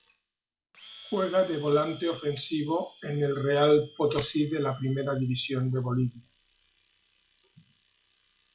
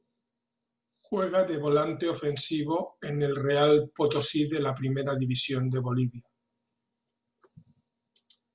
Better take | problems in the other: second | noise reduction (classical method log-MMSE)

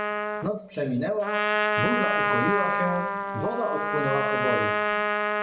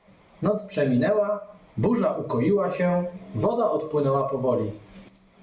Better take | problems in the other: second | background sound (Trumpet); 3 dB above the speech

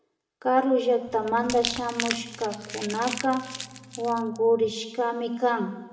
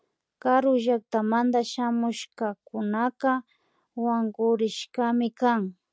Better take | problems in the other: second | background sound (Crumpling, crinkling); 10 dB below the speech // room echo; dies away in 1.5 s

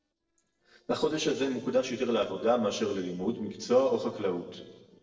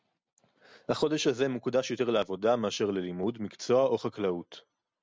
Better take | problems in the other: second | noise reduction (neural separator model SepFormer DNS4)

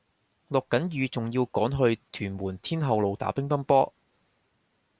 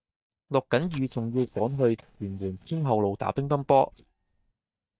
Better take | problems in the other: first | noise reduction (neural mask model DeepFilterNet 3)

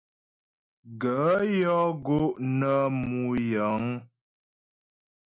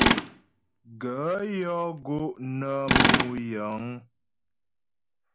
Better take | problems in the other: first | background sound (Tools); 3 dB above the speech

